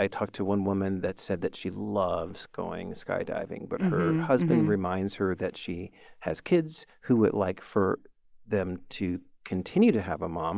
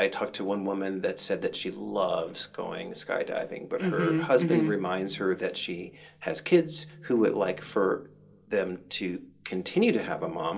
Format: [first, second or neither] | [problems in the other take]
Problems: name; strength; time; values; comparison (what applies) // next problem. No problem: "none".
first | room echo; dies away in 0.2 s